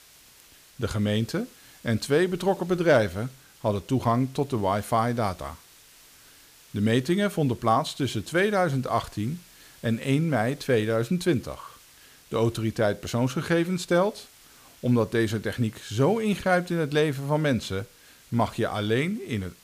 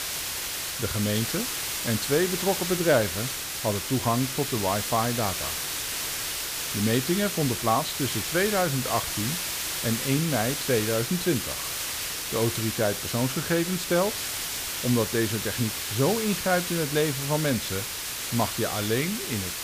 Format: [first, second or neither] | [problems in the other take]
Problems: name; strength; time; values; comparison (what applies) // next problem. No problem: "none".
first | hiss; loud; throughout; 2 dB below the speech; faint in the first